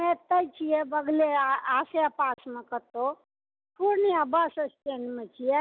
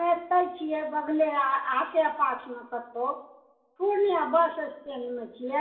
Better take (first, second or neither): first